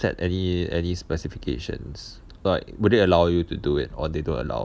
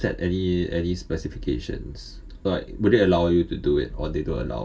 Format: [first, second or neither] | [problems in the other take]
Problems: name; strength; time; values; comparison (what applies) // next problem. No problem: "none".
first | room echo; dies away in 0.2 s